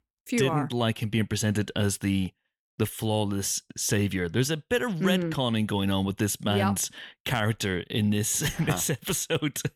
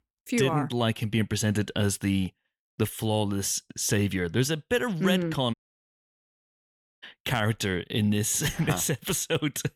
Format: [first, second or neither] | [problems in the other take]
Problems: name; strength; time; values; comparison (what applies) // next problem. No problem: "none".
first | audio cutting out; at 5.5 s for 1.5 s